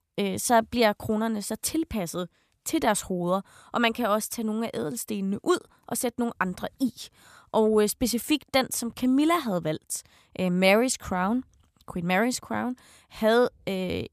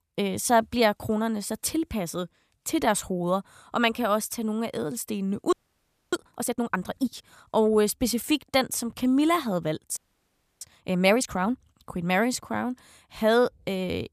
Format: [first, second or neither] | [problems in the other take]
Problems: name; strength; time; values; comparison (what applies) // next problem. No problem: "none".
first | audio freezing; at 5.5 s for 0.5 s and at 10 s for 0.5 s